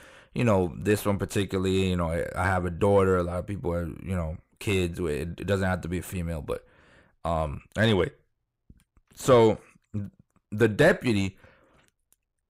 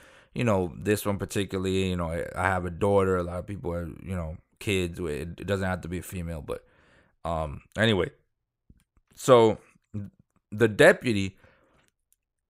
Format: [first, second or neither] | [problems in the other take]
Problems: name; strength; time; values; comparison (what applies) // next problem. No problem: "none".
second | distortion; slight; 10 dB below the speech